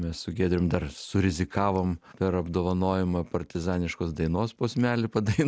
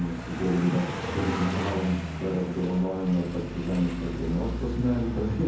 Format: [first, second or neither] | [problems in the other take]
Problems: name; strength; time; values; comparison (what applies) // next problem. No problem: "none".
first | background sound (Car passing by); 5 dB below the speech // room echo; dies away in 0.7 s